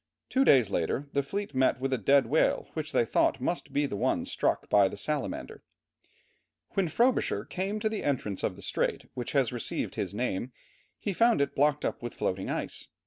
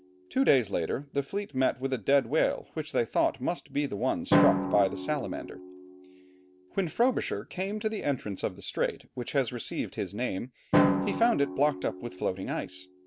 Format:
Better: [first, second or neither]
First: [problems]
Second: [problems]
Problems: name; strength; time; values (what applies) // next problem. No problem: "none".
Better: first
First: none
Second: background sound (Drum); 5 dB below the speech